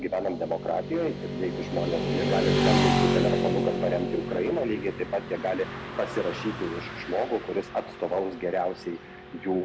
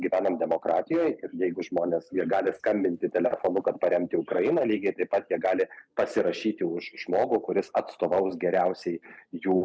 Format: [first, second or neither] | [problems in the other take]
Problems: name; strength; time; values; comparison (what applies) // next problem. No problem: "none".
second | background sound (Motorcycle / Traffic noise, roadway noise); as loud as the speech